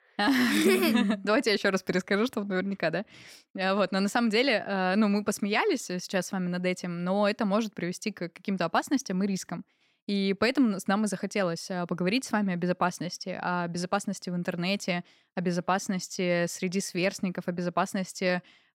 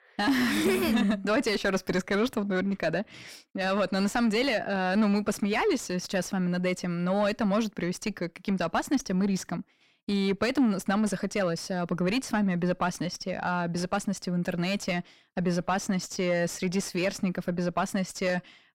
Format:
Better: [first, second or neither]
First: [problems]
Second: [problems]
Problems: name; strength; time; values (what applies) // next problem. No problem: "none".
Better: first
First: none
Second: distortion; slight; 10 dB below the speech